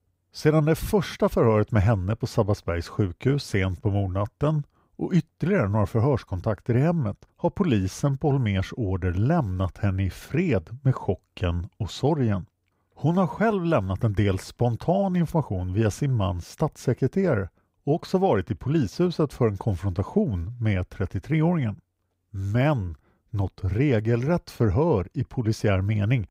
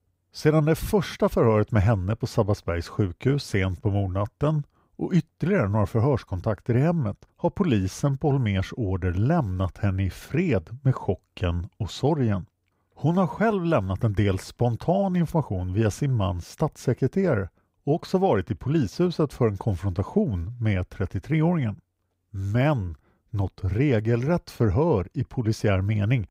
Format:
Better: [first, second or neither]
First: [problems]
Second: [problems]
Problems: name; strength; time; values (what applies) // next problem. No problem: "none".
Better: neither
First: none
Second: none